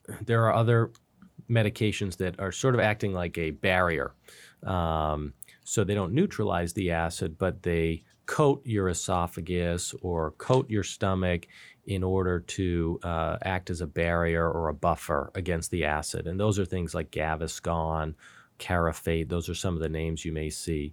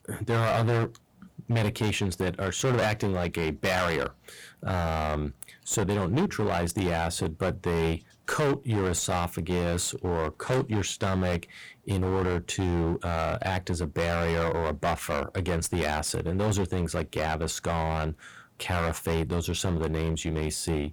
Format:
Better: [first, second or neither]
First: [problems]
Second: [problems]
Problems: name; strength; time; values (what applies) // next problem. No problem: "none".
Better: first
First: none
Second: distortion; heavy; 17% of the sound clipped